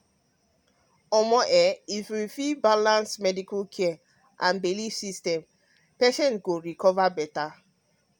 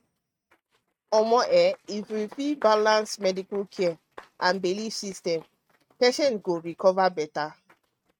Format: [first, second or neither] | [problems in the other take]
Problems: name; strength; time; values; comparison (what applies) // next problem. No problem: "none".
first | noise reduction (neural mask model RNNoise)